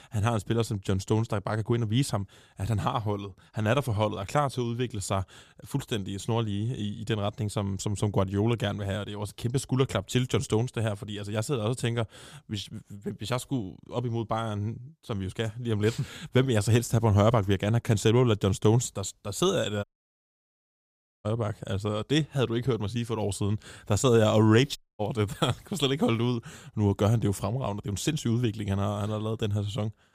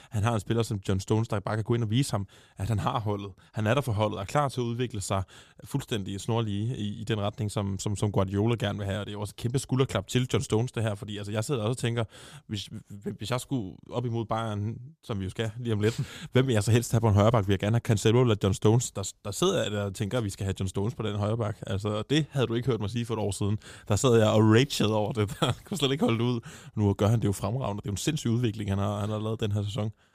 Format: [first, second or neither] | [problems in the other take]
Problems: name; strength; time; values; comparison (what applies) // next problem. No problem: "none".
second | audio cutting out; at 20 s for 1.5 s and at 25 s